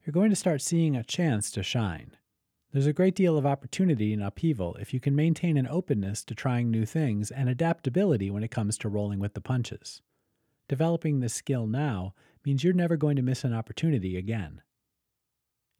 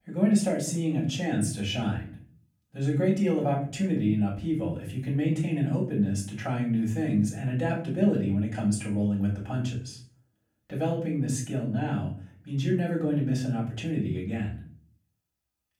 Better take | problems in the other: first | off-mic speech; far // room echo; slight; dies away in 0.4 s

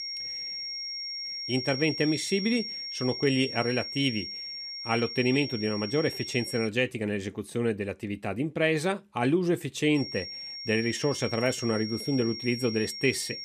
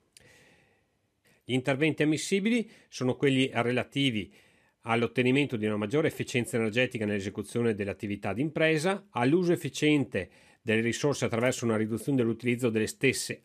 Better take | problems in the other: second | high-pitched whine; loud; until 6.5 s and from 10 s on; 5.5 kHz, 6 dB below the speech

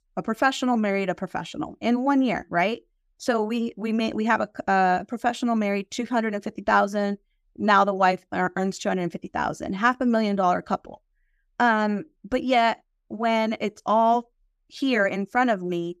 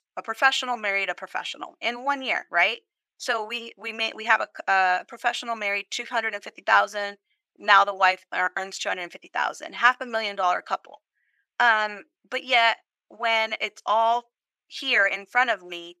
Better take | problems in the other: first | thin; very; fading below 700 Hz

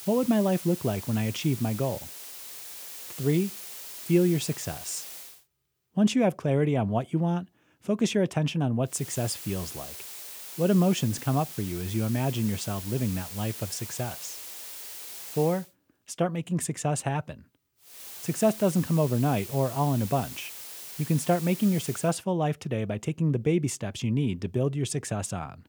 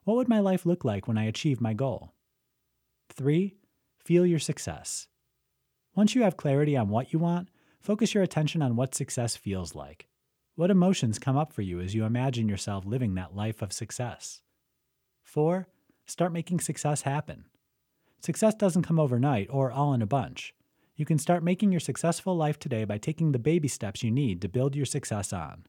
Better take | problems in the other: second | hiss; noticeable; until 5.5 s, from 9 to 16 s and from 18 to 22 s; 10 dB below the speech

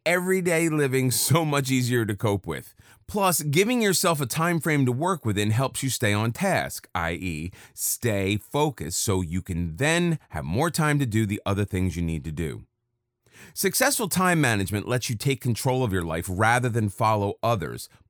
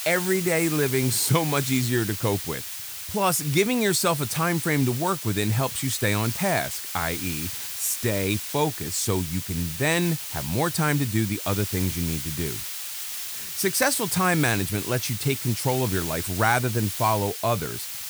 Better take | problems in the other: first | hiss; loud; throughout; 6 dB below the speech

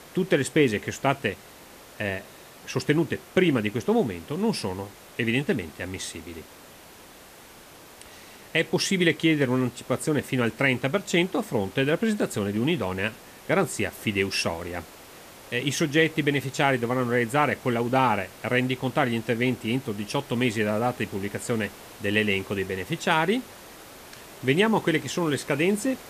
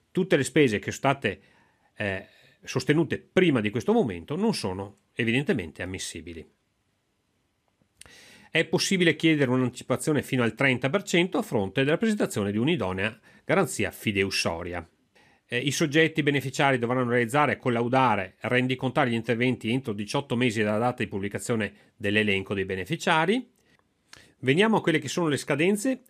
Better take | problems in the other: second | hiss; noticeable; throughout; 20 dB below the speech

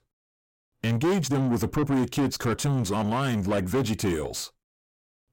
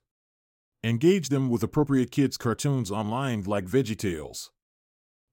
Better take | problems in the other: second | distortion; heavy; 6 dB below the speech

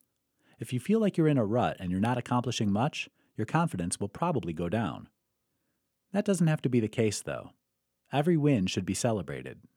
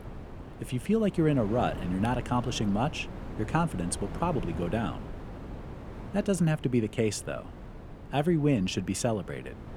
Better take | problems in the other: first | wind noise on the microphone; occasional gusts; 15 dB below the speech

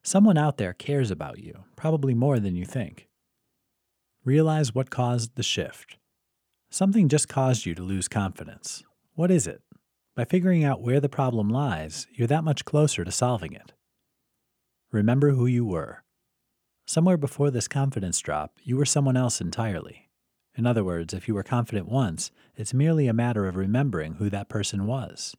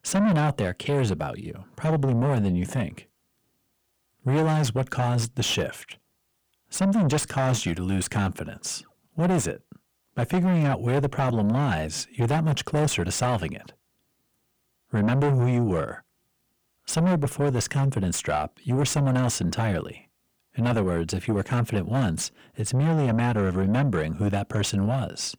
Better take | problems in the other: first | distortion; heavy; 6 dB below the speech

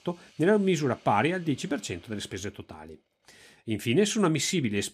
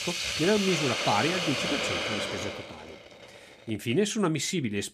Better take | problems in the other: first | hiss; loud; throughout; as loud as the speech; faint in the first

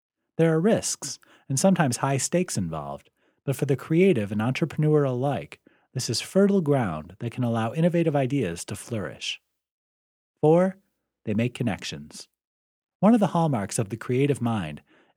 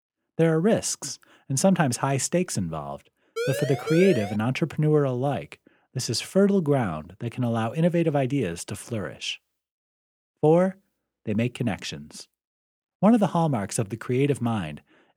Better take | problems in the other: first | siren; noticeable; from 3.5 to 4.5 s; peak 5 dB below the speech

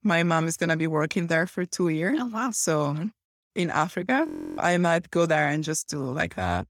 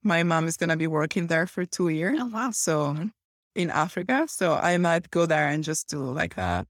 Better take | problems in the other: second | audio freezing; at 4.5 s

